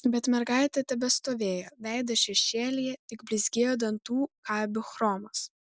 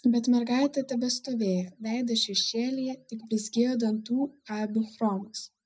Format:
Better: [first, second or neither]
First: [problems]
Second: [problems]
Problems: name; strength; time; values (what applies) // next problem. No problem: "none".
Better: first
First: none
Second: noise reduction (neural mask model DeepFilterNet 3)